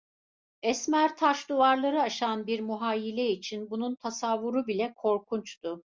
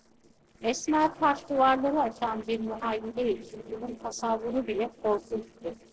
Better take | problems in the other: first | noise reduction (neural separator model SepFormer DNS4)

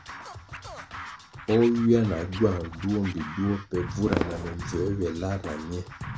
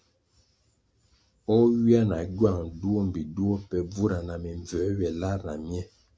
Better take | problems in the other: second | background sound (Scratching (performance technique) + Fireworks); 9 dB below the speech

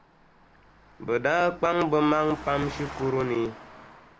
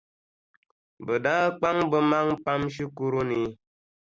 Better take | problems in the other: second | background sound (Engine); 16 dB below the speech

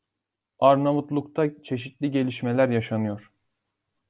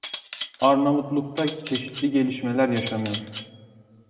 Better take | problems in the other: first | background sound (Cutlery, silverware); 14 dB below the speech // room echo; dies away in 1.5 s

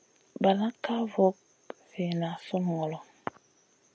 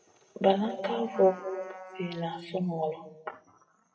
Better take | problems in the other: first | noise reduction (classical method WPE with log-MMSE)

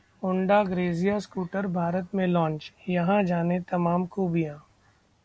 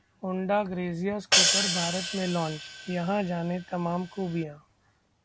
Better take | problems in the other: first | background sound (Hi-hat); 1 dB above the speech

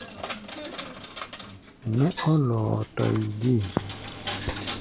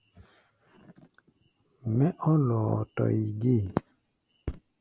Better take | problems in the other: second | background sound (Coin (dropping)); 10 dB below the speech

